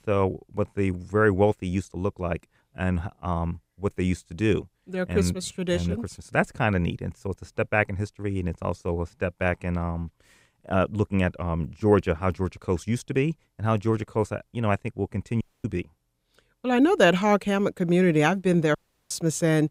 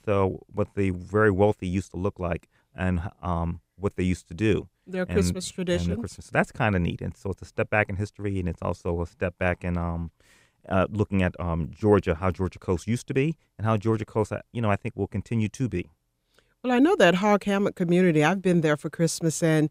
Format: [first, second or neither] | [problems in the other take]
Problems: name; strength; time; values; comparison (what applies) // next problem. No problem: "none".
second | audio cutting out; at 15 s and at 19 s